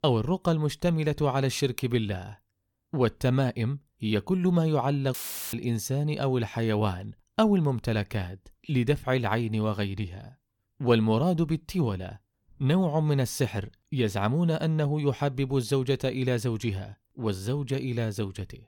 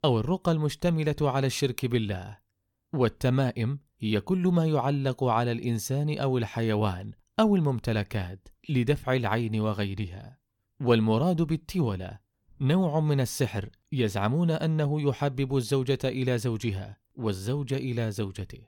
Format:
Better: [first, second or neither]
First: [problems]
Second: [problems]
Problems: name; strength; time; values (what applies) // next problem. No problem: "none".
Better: second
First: audio cutting out; filled with static; at 5 s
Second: none